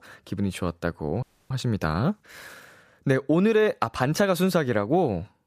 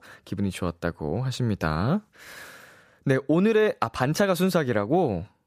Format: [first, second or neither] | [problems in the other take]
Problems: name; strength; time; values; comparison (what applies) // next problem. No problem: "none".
second | audio freezing; at 1 s